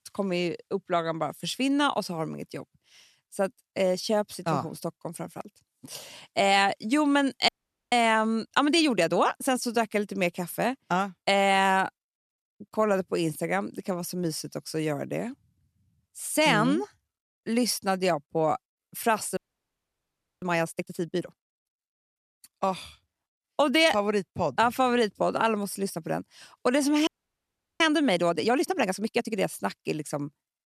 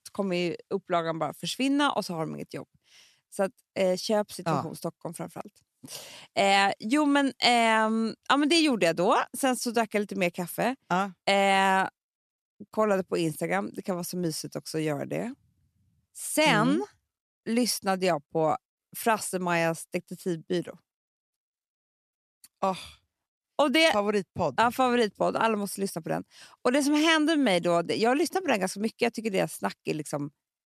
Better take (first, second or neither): second